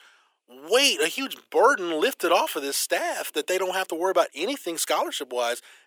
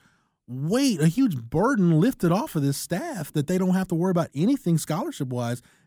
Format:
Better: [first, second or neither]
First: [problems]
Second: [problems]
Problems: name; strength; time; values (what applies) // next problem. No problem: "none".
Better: second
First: thin; very; fading below 400 Hz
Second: none